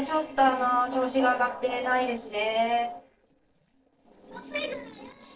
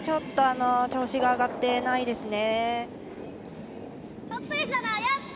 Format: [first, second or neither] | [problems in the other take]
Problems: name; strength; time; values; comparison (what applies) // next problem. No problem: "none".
second | noise reduction (neural separator model SepFormer DNS4)